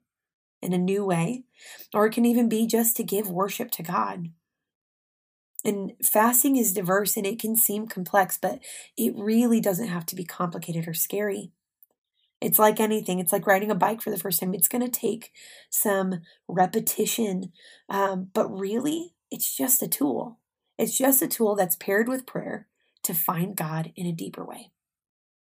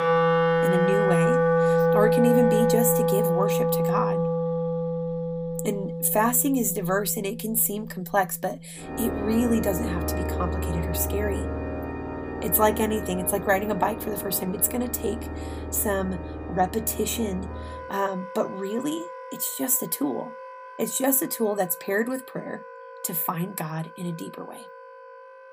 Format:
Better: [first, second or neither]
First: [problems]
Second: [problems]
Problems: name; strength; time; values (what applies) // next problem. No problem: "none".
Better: first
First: none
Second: background music; loud; throughout; 1 dB below the speech